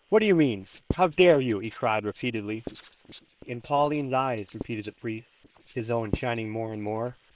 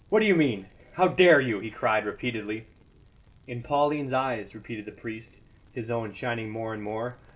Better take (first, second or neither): second